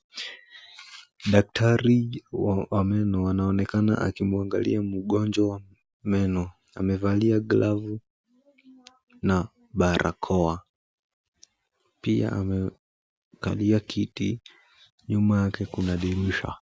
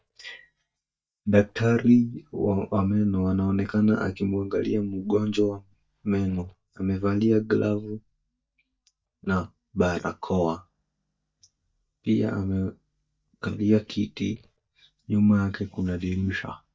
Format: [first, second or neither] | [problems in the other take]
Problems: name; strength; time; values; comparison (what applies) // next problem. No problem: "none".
first | noise reduction (neural mask model DeepFilterNet 3)